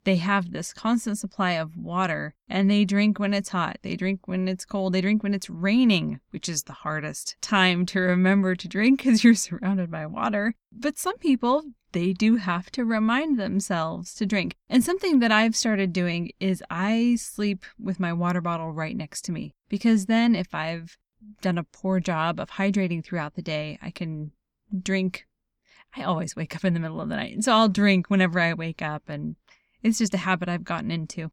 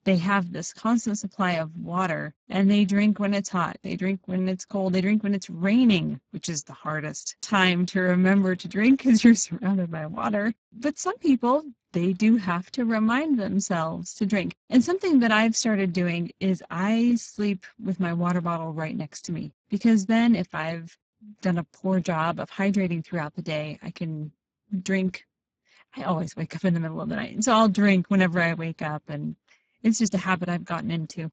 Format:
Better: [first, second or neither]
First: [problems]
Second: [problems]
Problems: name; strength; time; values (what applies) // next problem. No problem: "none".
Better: first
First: none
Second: garbled, watery; badly; nothing above 7.5 kHz